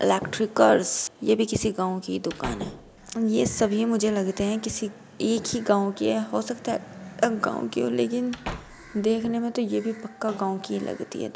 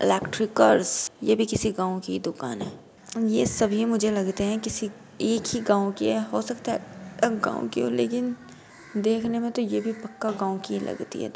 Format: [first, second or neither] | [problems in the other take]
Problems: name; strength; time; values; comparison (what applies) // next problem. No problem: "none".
second | background sound (Slam / Wood); 17 dB below the speech